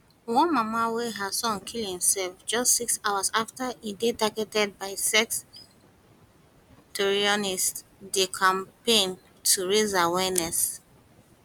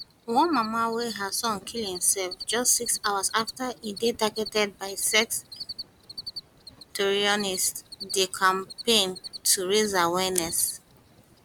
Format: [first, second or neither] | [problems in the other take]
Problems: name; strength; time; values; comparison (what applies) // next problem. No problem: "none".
first | background sound (Cricket); 15 dB below the speech